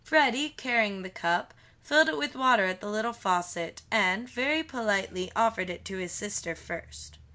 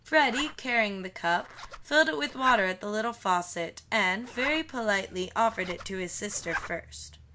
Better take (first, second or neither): first